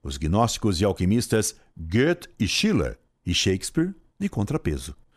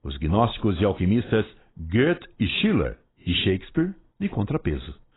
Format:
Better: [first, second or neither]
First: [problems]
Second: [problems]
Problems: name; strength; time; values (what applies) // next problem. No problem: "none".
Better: first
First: none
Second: garbled, watery; badly; nothing above 4 kHz